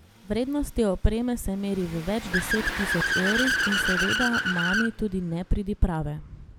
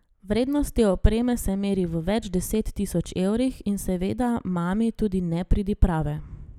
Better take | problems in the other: second | background sound (Accelerating, revving, vroom / Car); 2 dB below the speech

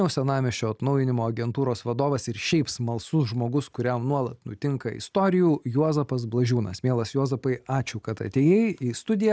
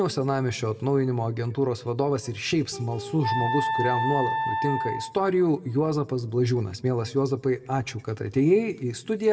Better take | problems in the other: first | background sound (Wind instrument, woodwind instrument); 4 dB below the speech // room echo; dies away in 0.6 s

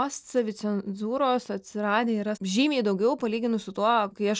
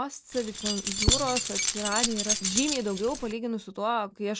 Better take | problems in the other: first | background sound (Keys jangling); 2 dB above the speech

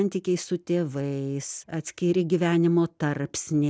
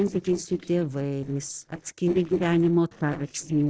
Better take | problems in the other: first | noise reduction (neural separator model SepFormer DNS4)

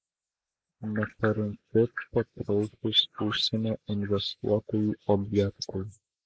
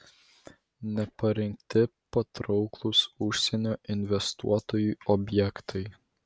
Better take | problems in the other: second | noise reduction (neural mask model Resemble Enhance denoiser)

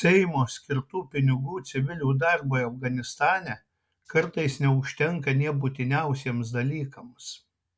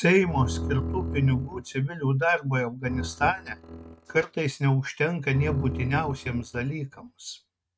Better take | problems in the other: first | noise reduction (neural mask model RNNoise)

